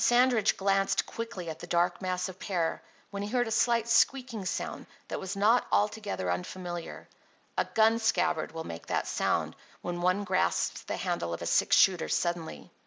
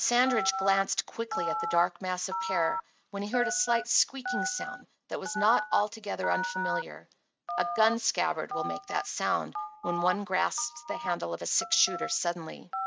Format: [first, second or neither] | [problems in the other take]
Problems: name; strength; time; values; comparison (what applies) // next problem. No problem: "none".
first | noise reduction (neural mask model RNNoise)